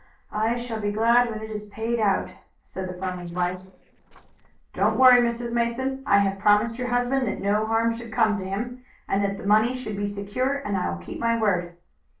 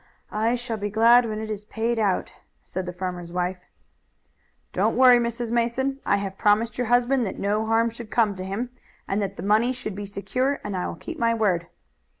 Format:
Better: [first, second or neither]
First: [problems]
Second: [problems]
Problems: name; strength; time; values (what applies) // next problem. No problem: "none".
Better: second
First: noise reduction (neural separator model SepFormer DNS4)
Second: none